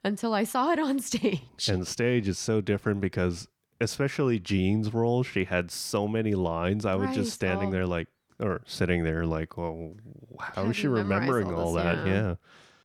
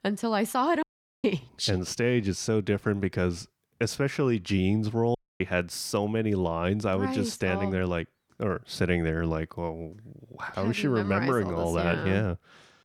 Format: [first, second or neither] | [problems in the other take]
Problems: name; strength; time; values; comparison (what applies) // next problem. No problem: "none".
first | audio cutting out; at 1 s and at 5 s